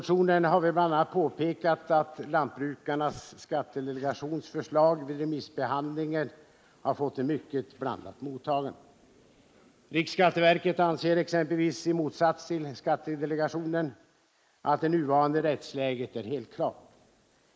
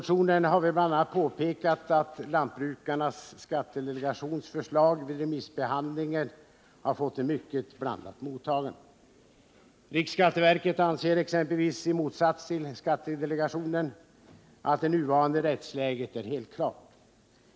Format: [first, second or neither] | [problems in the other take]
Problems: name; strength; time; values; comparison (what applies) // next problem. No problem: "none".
second | noise reduction (neural mask model Resemble Enhance denoiser)